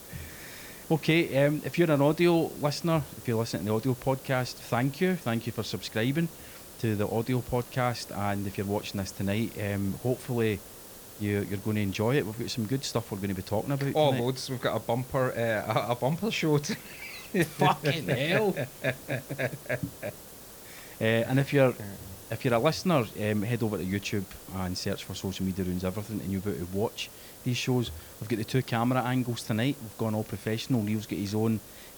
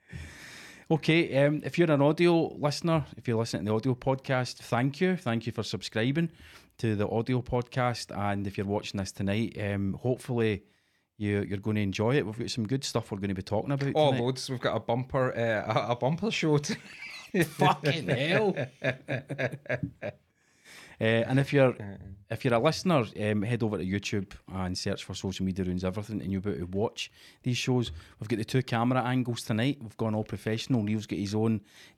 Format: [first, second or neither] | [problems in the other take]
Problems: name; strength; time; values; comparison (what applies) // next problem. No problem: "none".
second | hiss; noticeable; throughout; 15 dB below the speech